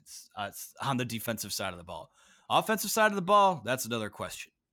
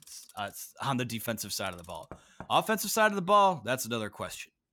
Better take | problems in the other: first | household noises; faint; until 2.5 s; 25 dB below the speech

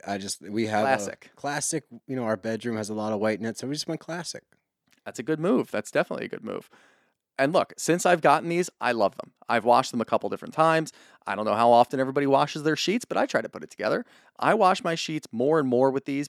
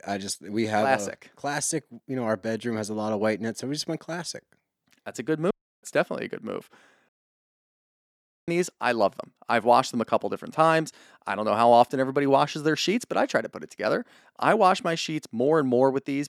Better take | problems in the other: first | audio cutting out; at 5.5 s and at 7 s for 1.5 s

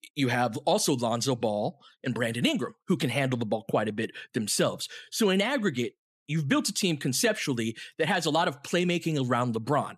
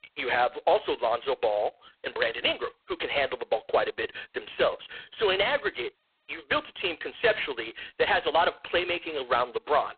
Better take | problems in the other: first | phone-call audio; poor line

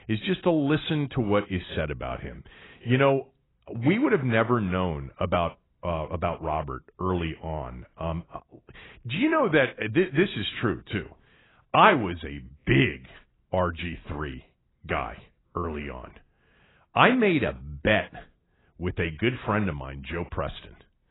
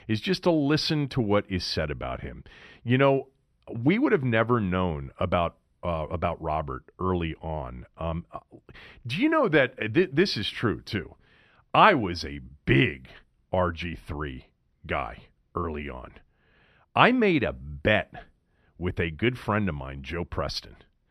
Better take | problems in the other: second | garbled, watery; badly; nothing above 4 kHz

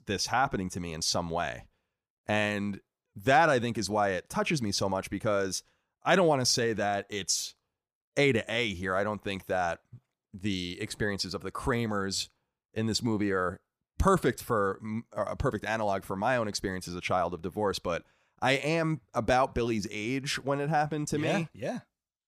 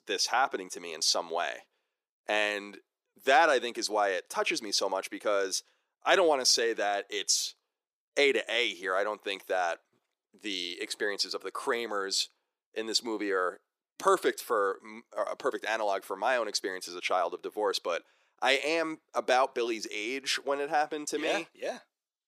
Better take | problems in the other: first | thin; somewhat; fading below 350 Hz

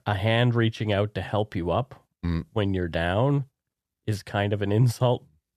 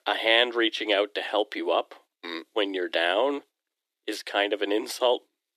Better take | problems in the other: first | thin; very; fading below 300 Hz

